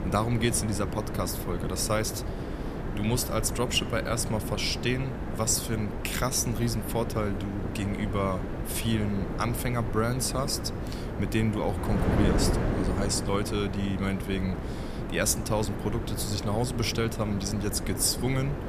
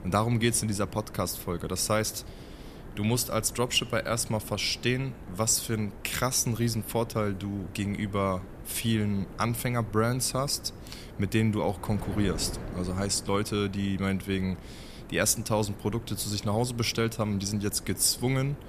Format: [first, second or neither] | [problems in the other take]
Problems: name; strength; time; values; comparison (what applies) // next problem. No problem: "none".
second | wind noise on the microphone; heavy; 6 dB below the speech; occasional gusts in the second